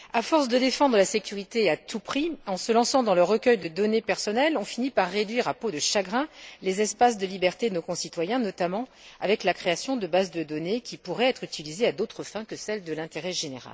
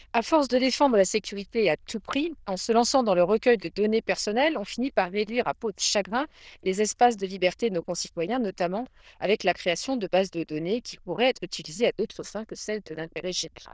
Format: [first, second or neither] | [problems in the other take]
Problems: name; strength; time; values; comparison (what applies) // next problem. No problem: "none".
first | noise reduction (neural diffusion model UNIVERSE++)